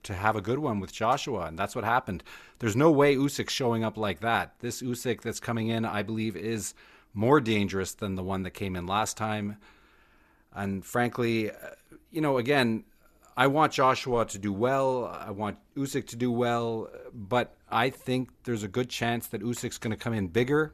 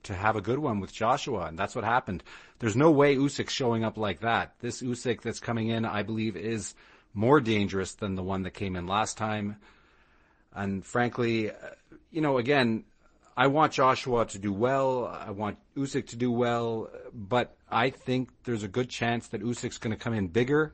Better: first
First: none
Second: garbled, watery; slightly; nothing above 8 kHz

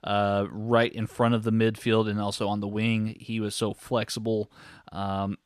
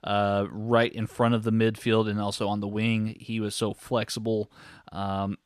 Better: neither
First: none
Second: none

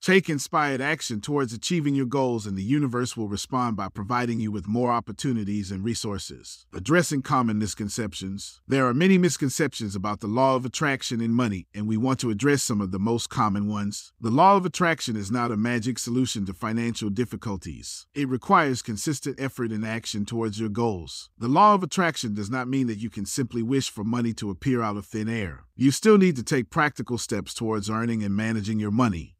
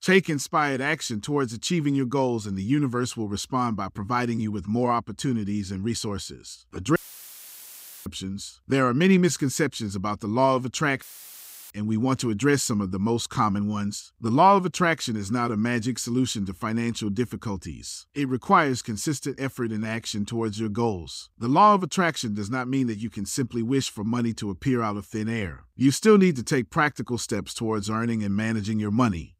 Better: first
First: none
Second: audio cutting out; filled with static; at 7 s for 1 s and at 11 s for 0.5 s

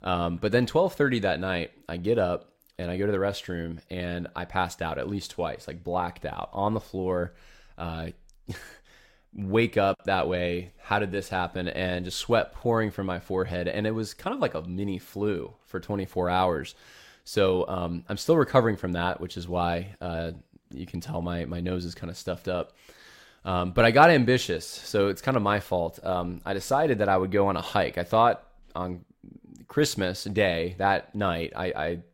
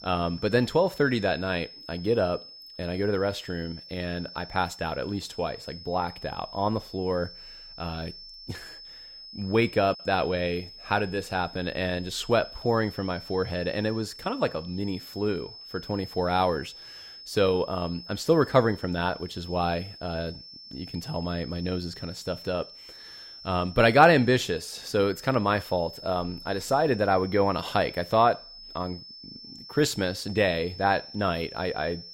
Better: first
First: none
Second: high-pitched whine; noticeable; throughout; 5 kHz, 15 dB below the speech

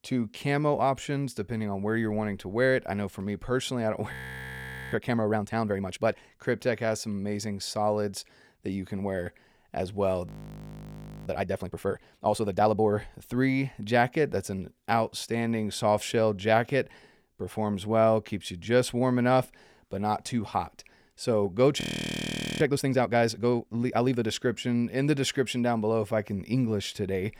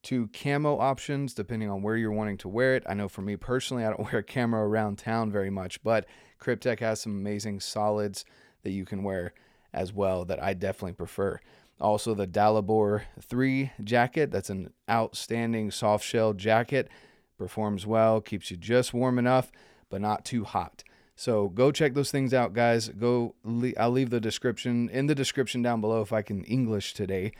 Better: second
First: audio freezing; at 4 s for 1 s, at 10 s for 1 s and at 22 s for 1 s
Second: none

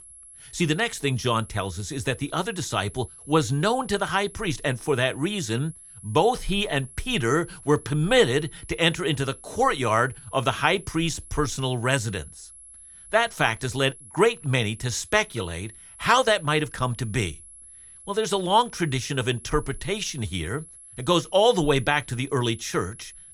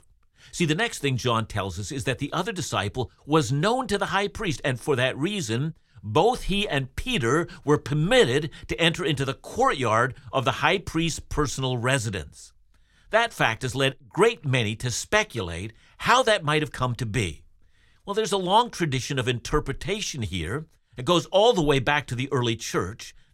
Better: second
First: high-pitched whine; noticeable; throughout; 11 kHz, 20 dB below the speech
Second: none

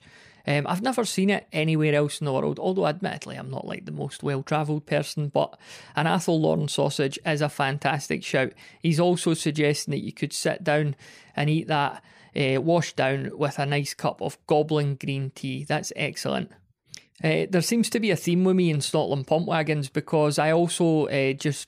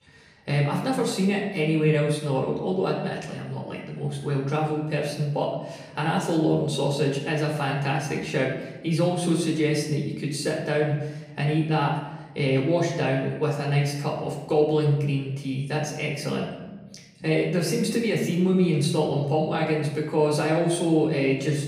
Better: first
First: none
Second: off-mic speech; far // room echo; noticeable; dies away in 1 s

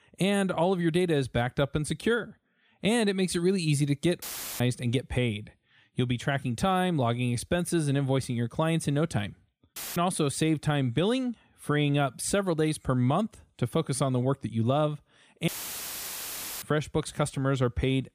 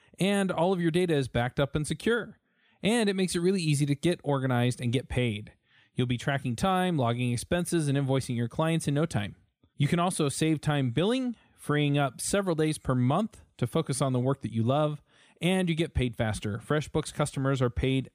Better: second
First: audio cutting out; filled with static; at 4 s, at 10 s and at 15 s for 1 s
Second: none

